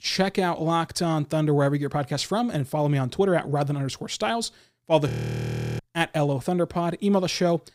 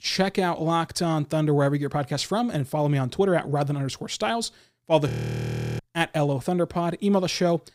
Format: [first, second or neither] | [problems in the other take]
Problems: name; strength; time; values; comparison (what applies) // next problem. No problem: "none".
neither | audio freezing; at 5 s for 0.5 s; the same in both